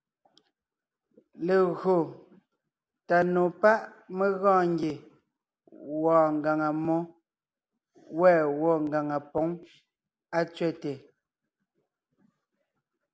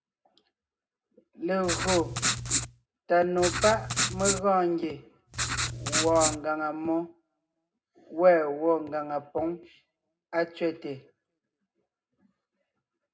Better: first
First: none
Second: background sound (Writing); as loud as the speech // room echo; dies away in 0.2 s

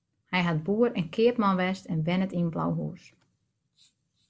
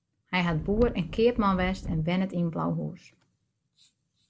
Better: first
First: none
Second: background sound (Wind); 8 dB below the speech

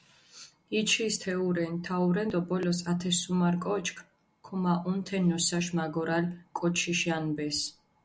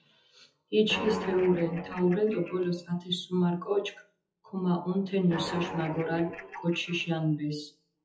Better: first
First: none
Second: noise reduction (classical method WPE with log-MMSE)

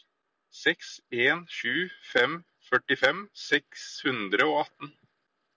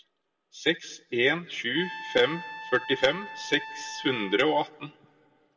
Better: first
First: none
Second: background sound (Trumpet); 12 dB below the speech // room echo; dies away in 1 s

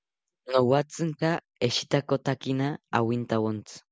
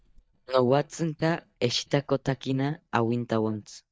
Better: first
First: none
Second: noise reduction (neural mask model DeepFilterNet 3)

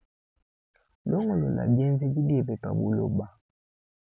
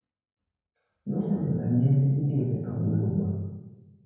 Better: first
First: none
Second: room echo; dies away in 1 s

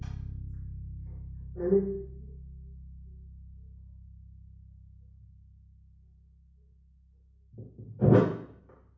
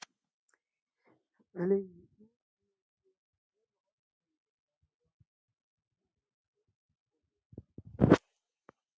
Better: second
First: background sound (Bass guitar); 11 dB below the speech // room echo; dies away in 0.6 s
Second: none

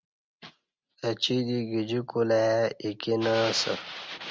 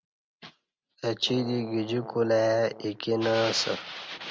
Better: first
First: none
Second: background sound (Brass instrument); 17 dB below the speech

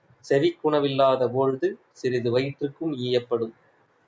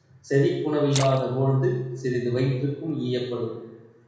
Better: first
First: none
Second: background sound (Splash, splatter); 14 dB below the speech // room echo; dies away in 1 s

